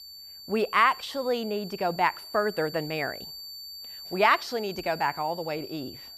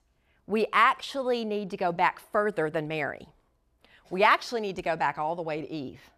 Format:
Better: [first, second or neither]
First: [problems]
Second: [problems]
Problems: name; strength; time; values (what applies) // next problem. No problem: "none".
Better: second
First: high-pitched whine; noticeable; throughout; 4.5 kHz, 15 dB below the speech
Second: none